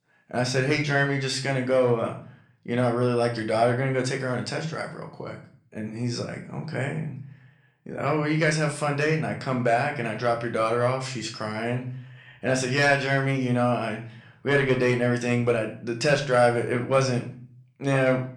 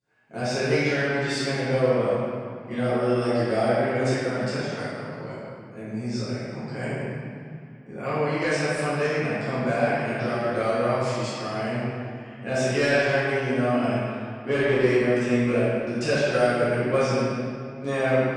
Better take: first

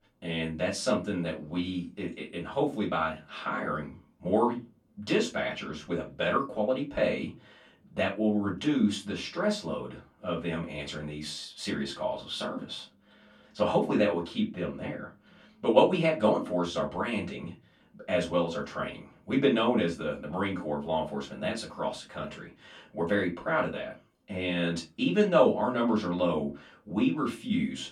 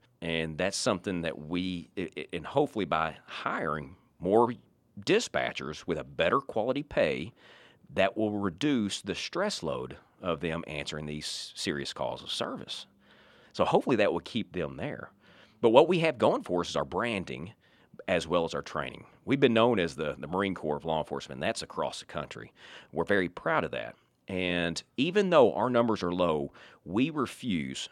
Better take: second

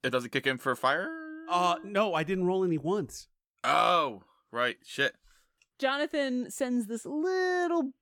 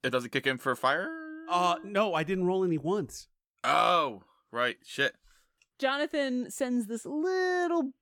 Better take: neither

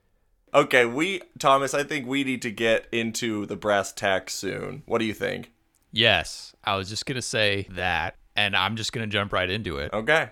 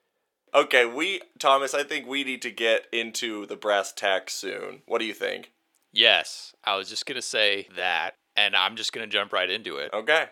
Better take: first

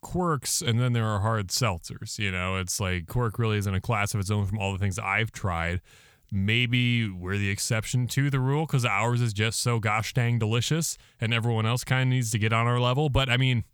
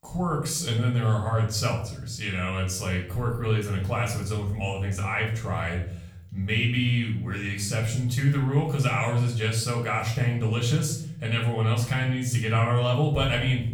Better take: first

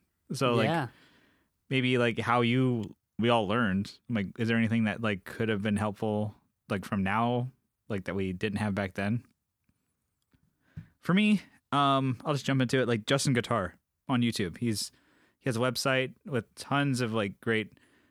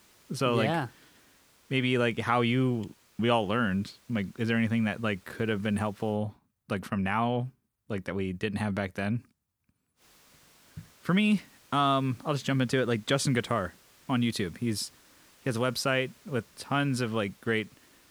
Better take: first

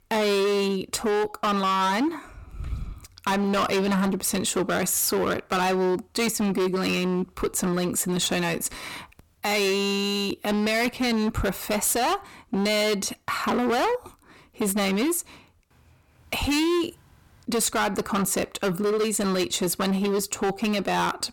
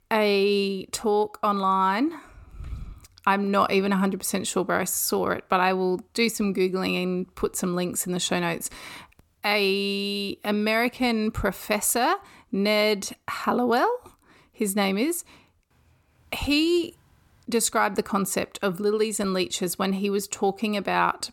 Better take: second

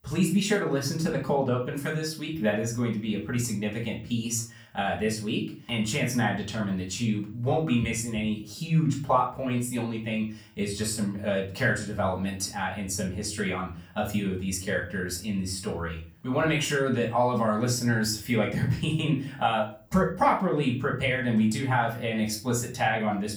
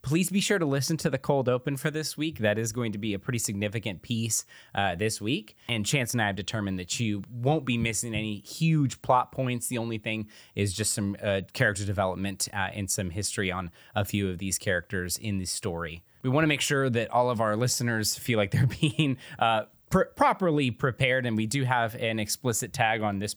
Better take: second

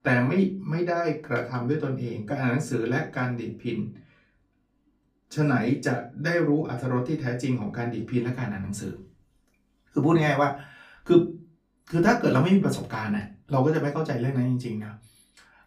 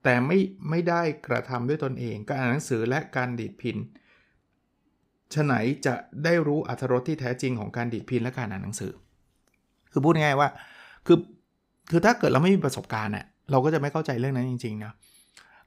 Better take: second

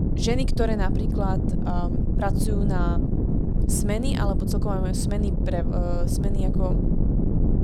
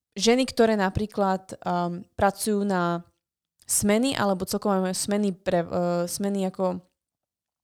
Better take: second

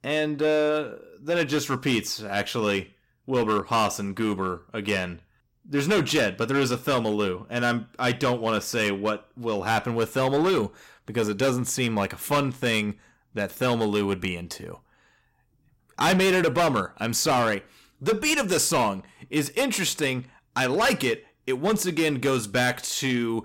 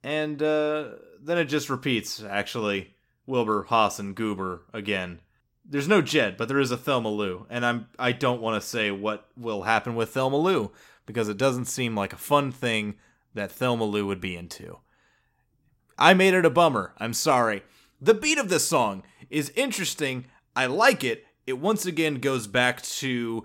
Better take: second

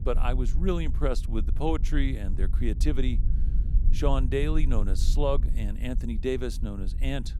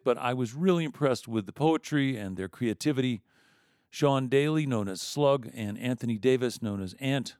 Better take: second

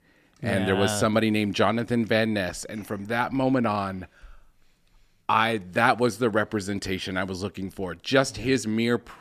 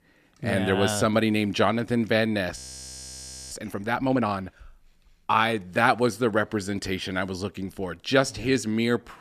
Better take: first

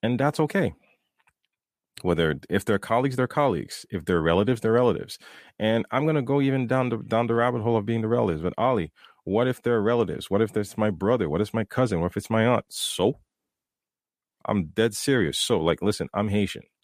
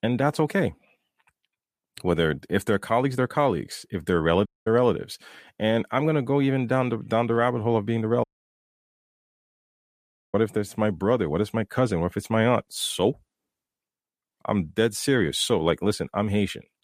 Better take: first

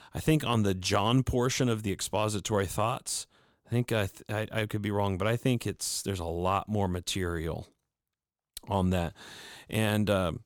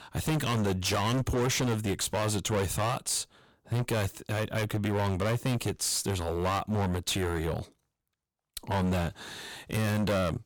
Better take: first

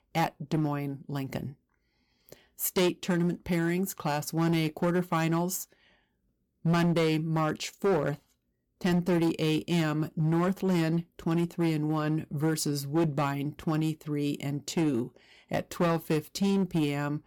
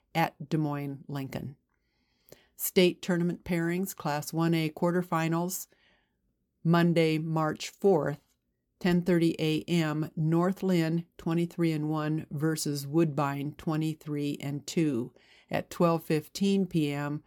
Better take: second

